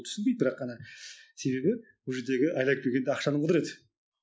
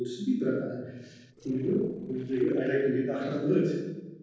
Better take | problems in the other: first | noise reduction (neural separator model SepFormer DNS4)

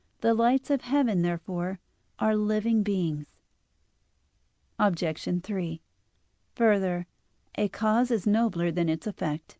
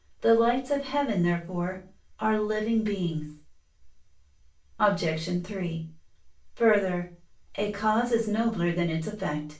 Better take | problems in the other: first | room echo; dies away in 0.3 s

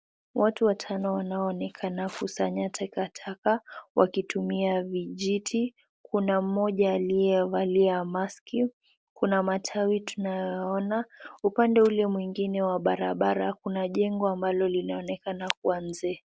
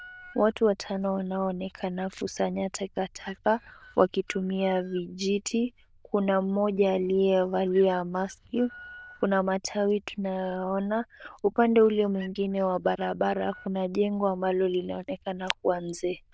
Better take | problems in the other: first | noise reduction (neural diffusion model UNIVERSE++)

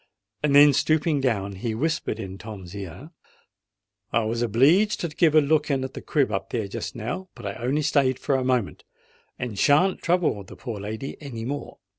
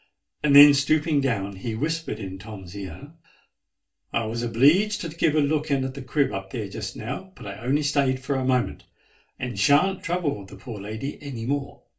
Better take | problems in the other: first | room echo; dies away in 0.2 s

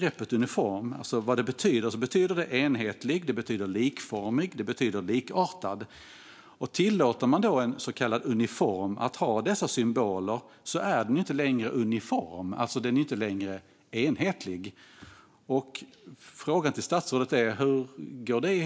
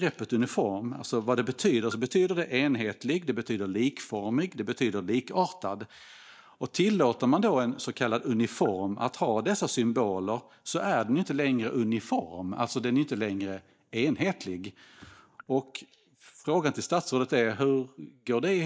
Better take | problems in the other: first | noise reduction (neural mask model DeepFilterNet 3)

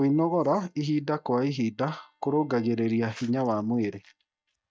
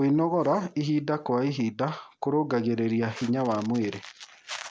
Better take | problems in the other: second | noise reduction (neural mask model DeepFilterNet 3)

